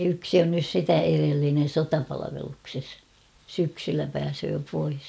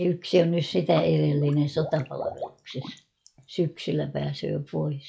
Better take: first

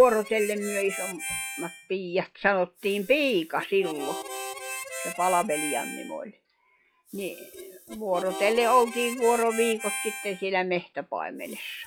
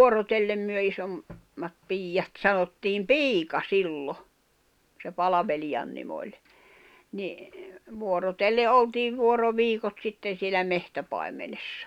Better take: second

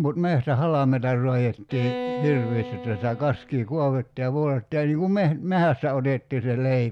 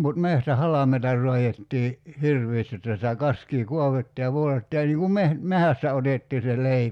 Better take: second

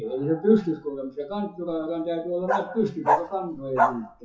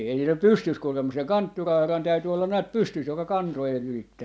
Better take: second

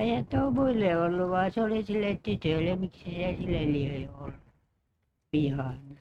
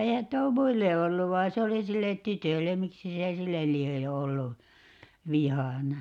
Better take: second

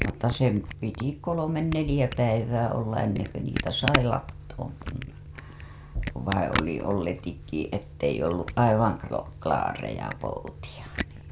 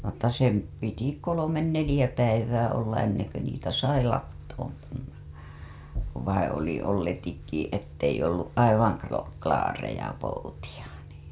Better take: second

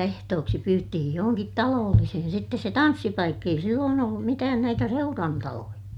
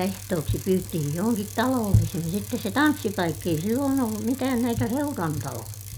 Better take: first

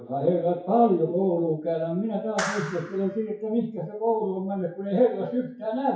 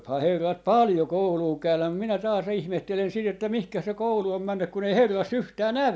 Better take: second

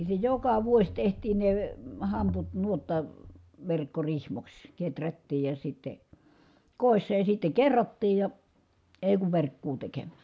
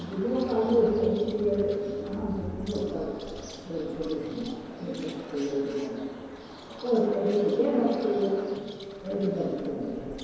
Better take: first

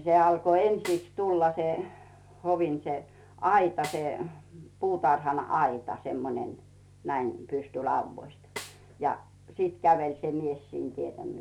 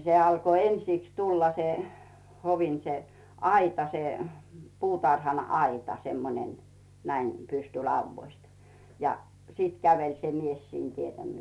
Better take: second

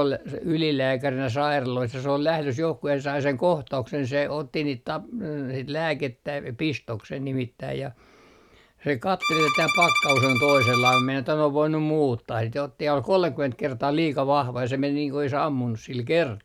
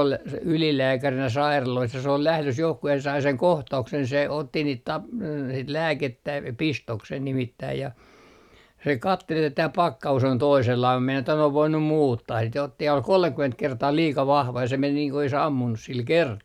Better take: second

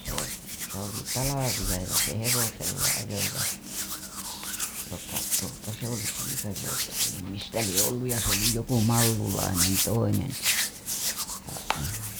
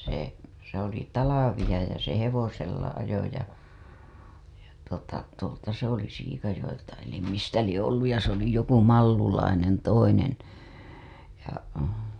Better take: second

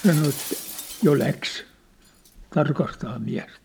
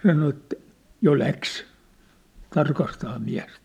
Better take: second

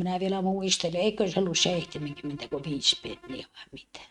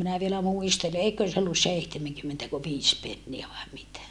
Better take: second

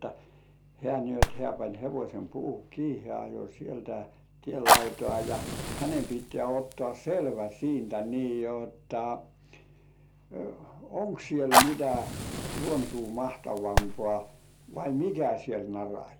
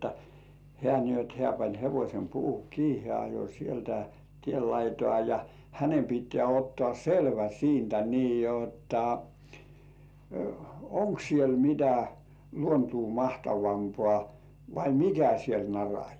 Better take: second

